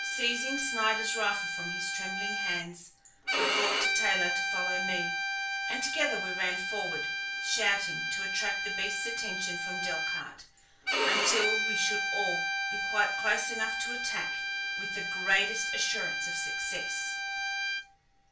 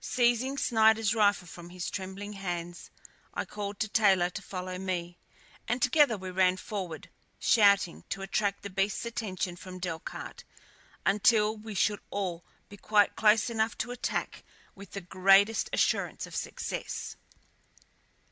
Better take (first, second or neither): second